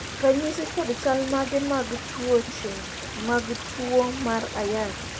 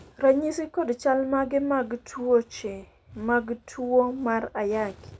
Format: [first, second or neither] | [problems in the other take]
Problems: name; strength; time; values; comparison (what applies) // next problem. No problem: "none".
second | background sound (Stream); 8 dB below the speech